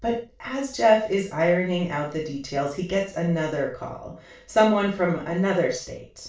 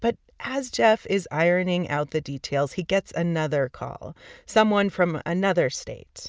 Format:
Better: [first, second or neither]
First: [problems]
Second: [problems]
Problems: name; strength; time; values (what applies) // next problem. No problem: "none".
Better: second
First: room echo; dies away in 0.3 s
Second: none